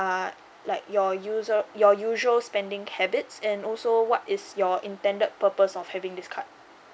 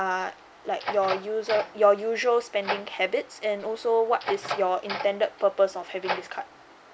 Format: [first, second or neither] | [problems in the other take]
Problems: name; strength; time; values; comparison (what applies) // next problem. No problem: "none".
first | background sound (Door); 11 dB below the speech